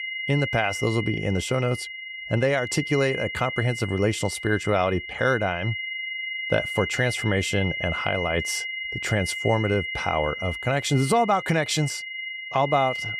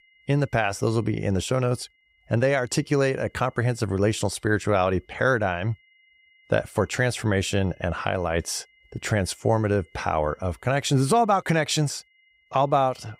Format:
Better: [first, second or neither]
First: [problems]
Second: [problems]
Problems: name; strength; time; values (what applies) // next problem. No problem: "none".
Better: second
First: high-pitched whine; loud; throughout; 2 kHz, 5 dB below the speech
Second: high-pitched whine; faint; throughout; 2 kHz, 35 dB below the speech